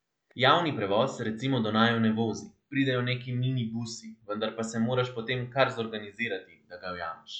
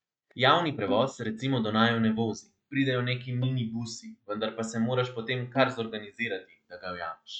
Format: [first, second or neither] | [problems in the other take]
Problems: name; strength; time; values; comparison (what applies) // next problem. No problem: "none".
first | noise reduction (neural mask model RNNoise)